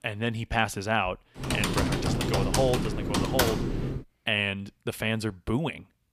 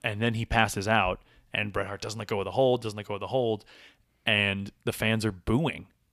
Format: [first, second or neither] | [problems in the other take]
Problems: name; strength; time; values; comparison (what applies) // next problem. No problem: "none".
second | keyboard typing; loud; from 1.5 to 4 s; peak 4 dB above the speech